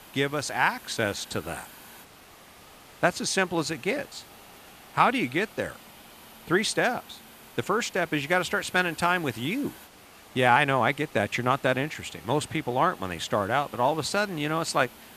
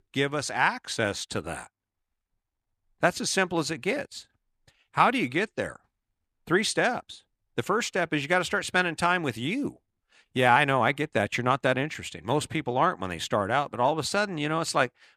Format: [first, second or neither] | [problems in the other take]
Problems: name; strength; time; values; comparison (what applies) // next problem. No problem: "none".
second | hiss; faint; throughout; 20 dB below the speech